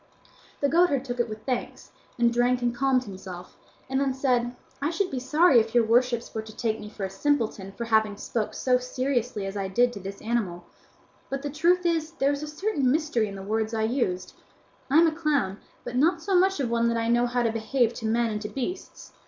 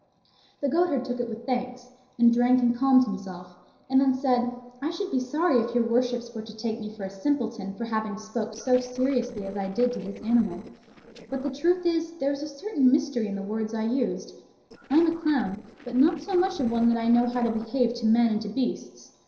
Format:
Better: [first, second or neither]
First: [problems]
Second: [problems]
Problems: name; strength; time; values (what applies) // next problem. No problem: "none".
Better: first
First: none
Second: noise reduction (neural separator model SepFormer DNS4)